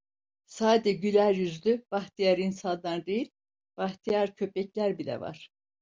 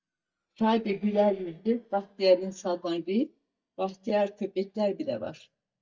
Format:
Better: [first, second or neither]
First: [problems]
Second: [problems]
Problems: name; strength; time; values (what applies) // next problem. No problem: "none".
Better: first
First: none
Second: noise reduction (neural mask model DeepFilterNet 3)